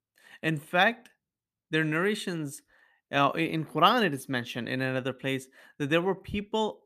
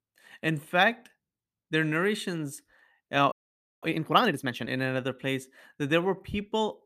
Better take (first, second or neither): first